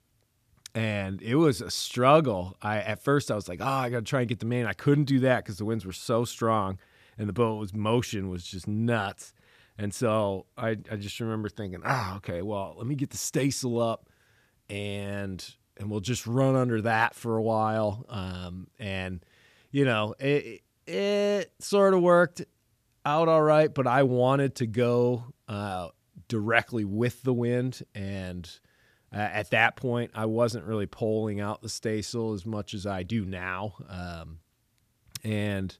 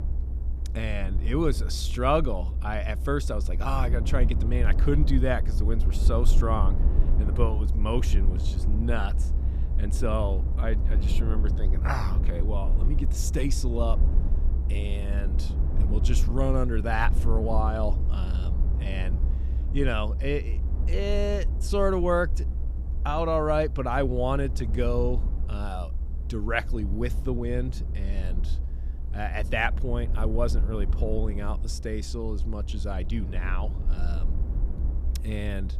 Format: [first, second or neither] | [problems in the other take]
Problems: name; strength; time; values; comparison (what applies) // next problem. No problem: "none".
first | low rumble; noticeable; throughout; 15 dB below the speech